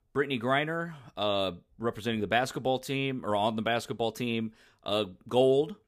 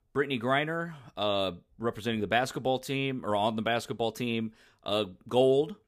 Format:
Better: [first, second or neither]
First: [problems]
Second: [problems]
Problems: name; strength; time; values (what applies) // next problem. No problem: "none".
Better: neither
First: none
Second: none